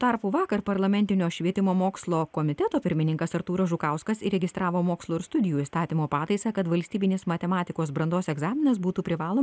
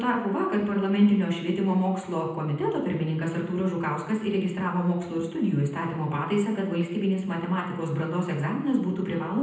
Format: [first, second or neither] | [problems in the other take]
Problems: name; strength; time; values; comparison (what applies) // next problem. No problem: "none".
first | room echo; dies away in 0.9 s